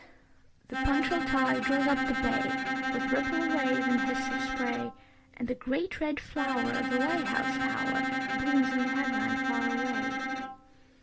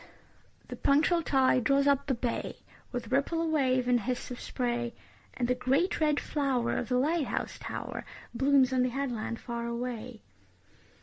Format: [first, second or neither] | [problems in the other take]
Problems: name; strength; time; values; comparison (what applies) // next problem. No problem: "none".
second | background sound (Bowed string instrument); 1 dB above the speech